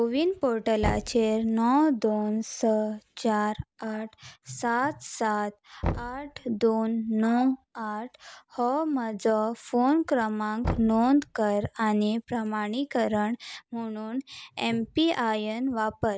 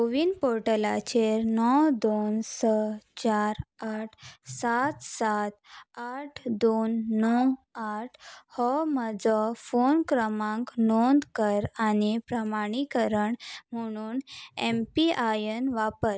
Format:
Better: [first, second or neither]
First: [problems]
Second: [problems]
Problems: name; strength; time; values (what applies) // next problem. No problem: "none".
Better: second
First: background sound (Knock); 13 dB below the speech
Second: none